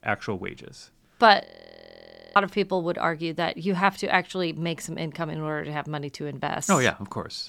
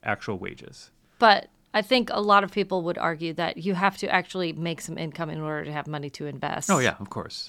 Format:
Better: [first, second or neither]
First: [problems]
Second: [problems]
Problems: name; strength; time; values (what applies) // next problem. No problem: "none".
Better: second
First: audio freezing; at 1.5 s for 1 s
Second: none